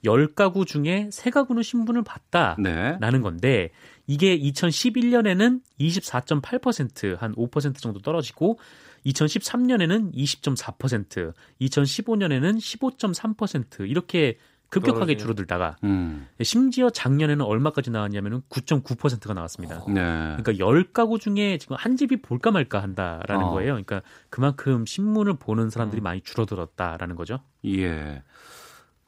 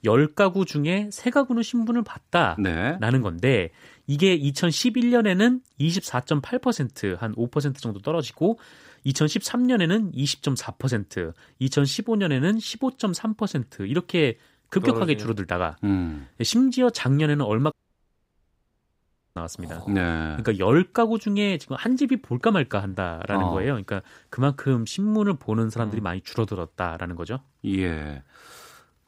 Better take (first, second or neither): first